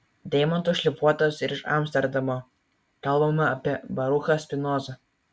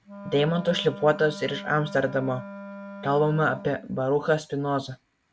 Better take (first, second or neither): first